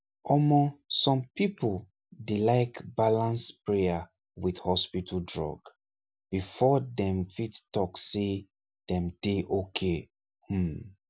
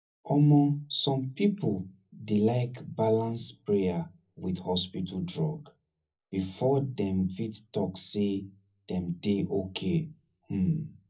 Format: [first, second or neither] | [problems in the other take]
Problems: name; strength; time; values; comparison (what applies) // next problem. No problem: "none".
first | room echo; dies away in 0.4 s